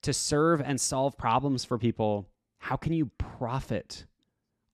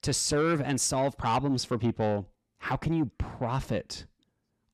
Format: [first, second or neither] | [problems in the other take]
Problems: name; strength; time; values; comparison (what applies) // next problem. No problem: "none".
first | distortion; slight; 10 dB below the speech